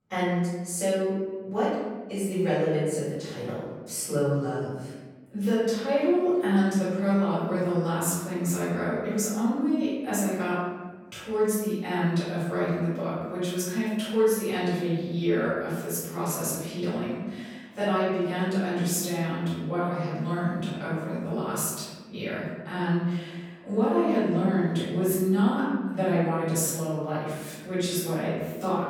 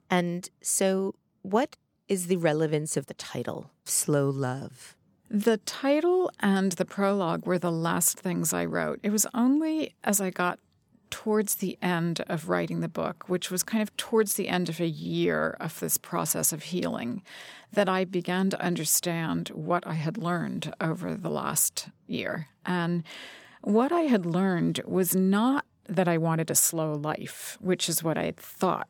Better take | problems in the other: second | off-mic speech; far // room echo; strong; dies away in 1.3 s

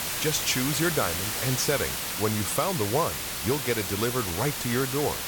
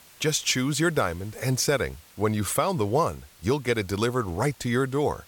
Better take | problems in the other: second | hiss; loud; throughout; 1 dB below the speech; faint in the second

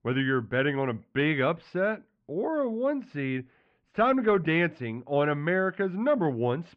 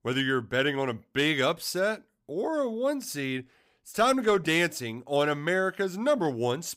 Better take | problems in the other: second | muffled; very; fading above 2.5 kHz

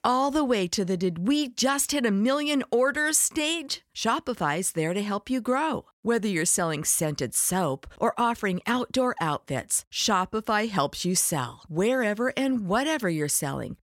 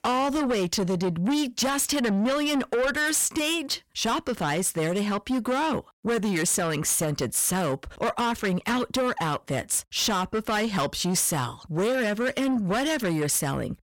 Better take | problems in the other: first | distortion; heavy; 8 dB below the speech

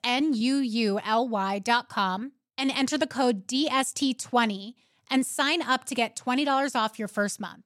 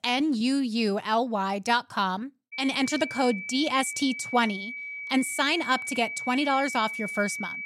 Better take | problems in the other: first | high-pitched whine; loud; from 2.5 s on; 2.5 kHz, 7 dB below the speech

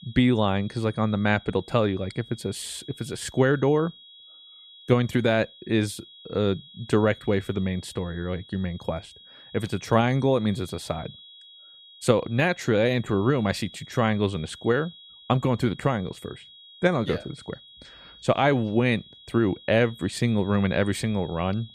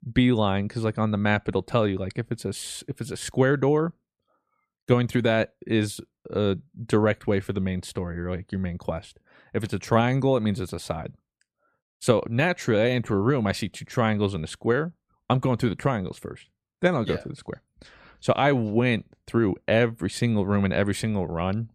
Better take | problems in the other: second | high-pitched whine; faint; throughout; 3.5 kHz, 20 dB below the speech

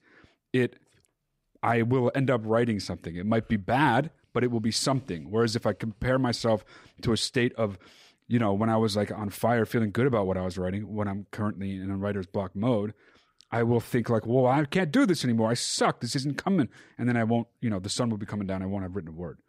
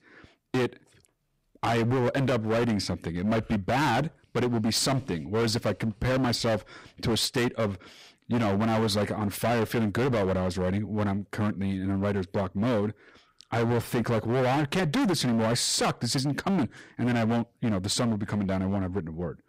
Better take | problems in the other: first | distortion; heavy; 21% of the sound clipped

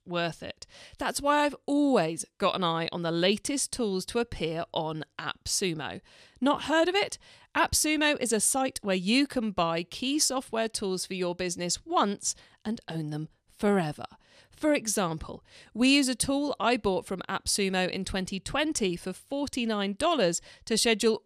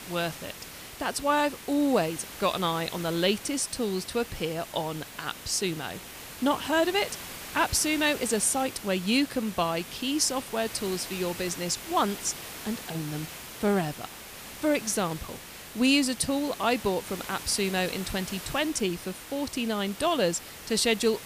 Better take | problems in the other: first | hiss; noticeable; throughout; 10 dB below the speech

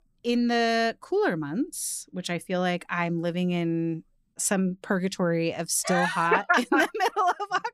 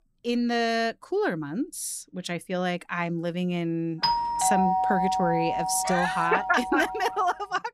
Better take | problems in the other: first | doorbell; loud; from 4 to 7 s; peak 4 dB above the speech

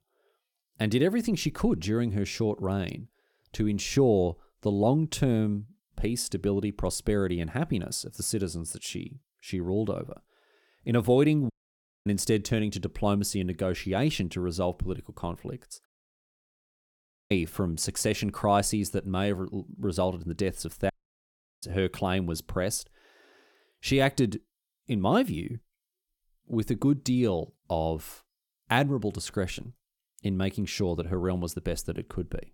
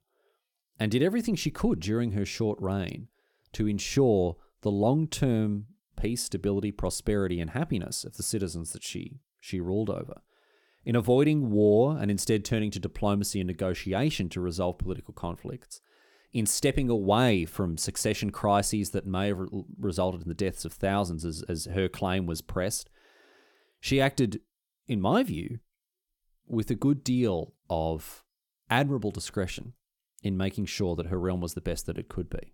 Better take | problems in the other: second | audio cutting out; at 12 s for 0.5 s, at 16 s for 1.5 s and at 21 s for 0.5 s

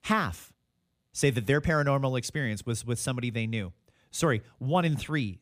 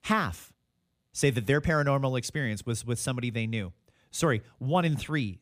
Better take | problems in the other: neither | none

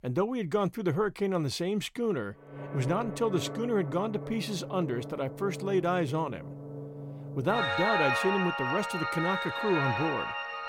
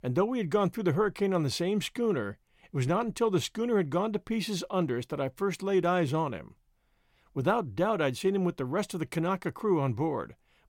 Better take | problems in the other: second | background music; loud; from 2.5 s on; 3 dB below the speech

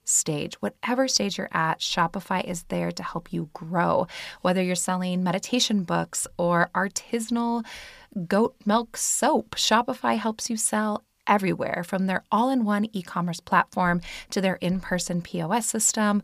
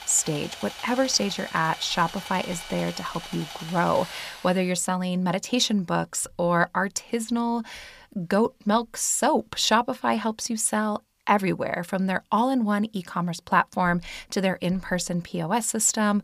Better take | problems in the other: first | machinery noise; noticeable; until 4.5 s; 15 dB below the speech

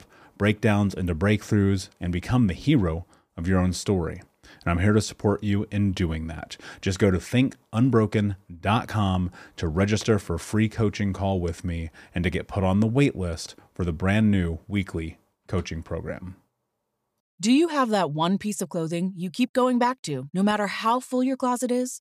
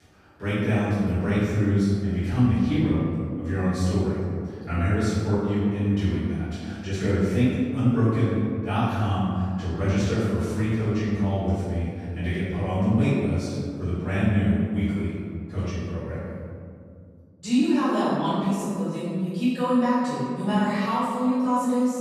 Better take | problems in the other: first | off-mic speech; far // room echo; strong; dies away in 2.2 s

